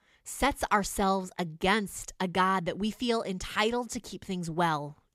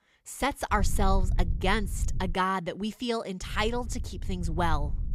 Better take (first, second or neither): first